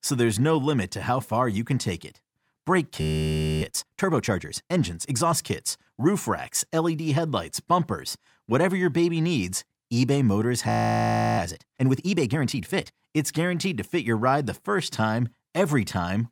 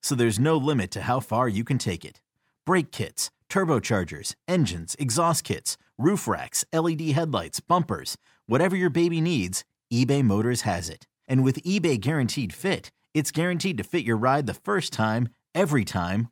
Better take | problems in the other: second | audio freezing; at 3 s for 0.5 s and at 11 s for 0.5 s

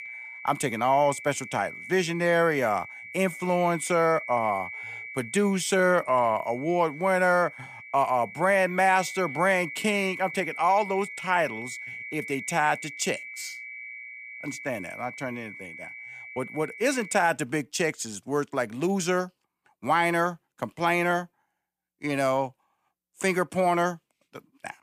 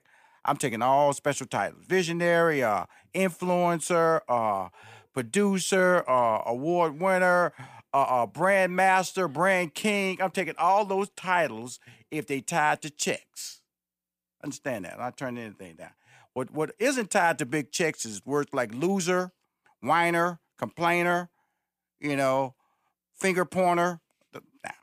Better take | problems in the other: second | high-pitched whine; noticeable; until 17 s; 2.5 kHz, 10 dB below the speech

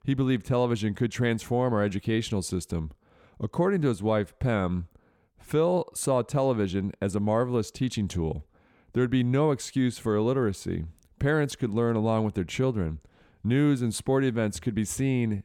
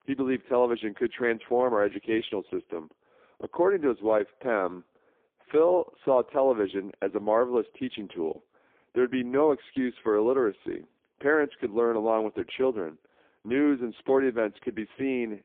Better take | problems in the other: first | phone-call audio; poor line; nothing above 3.5 kHz

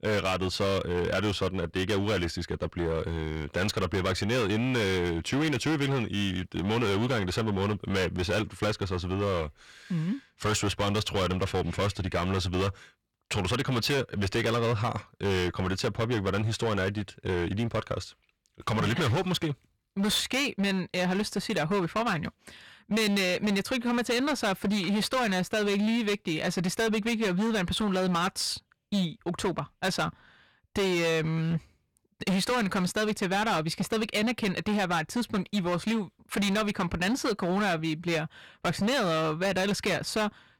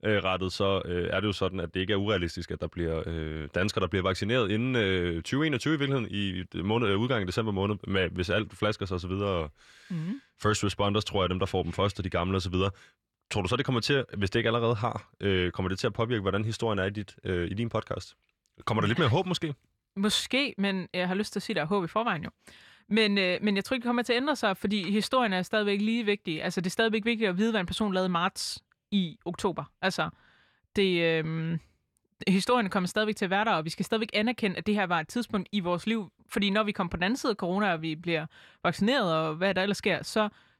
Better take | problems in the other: second | distortion; heavy; 19% of the sound clipped

